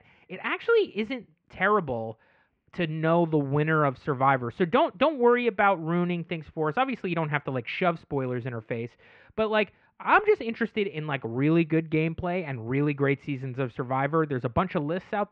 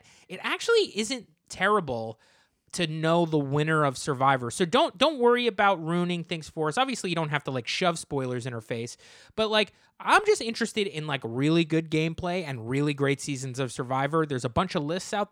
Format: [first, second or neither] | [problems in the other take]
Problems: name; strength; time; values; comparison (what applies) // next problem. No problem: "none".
second | muffled; very; fading above 2.5 kHz